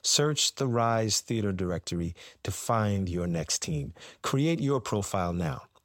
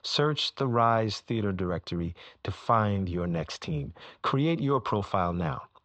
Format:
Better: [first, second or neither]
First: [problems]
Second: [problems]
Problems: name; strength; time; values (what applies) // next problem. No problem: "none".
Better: first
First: none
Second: muffled; slightly; fading above 4 kHz